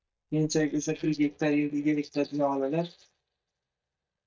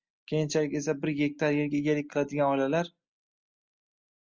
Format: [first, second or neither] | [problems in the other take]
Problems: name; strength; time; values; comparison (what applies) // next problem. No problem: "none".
second | noise reduction (neural mask model DeepFilterNet 3)